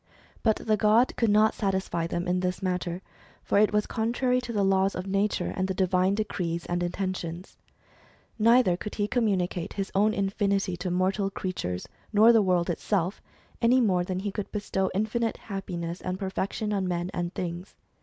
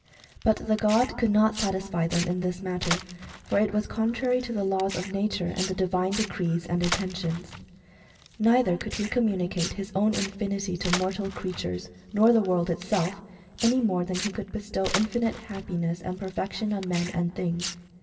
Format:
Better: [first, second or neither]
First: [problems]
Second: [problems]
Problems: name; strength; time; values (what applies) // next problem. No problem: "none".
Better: first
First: none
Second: background sound (Tearing); 11 dB below the speech // room echo; dies away in 2.4 s